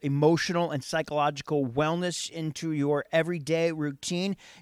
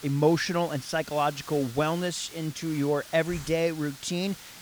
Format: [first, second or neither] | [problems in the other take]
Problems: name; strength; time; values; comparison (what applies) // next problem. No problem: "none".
first | hiss; noticeable; throughout; 15 dB below the speech